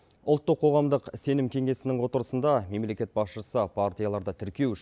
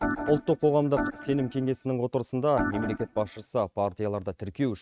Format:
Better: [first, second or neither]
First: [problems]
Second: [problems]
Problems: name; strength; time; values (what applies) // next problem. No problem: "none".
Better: first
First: none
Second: noise reduction (neural mask model RNNoise)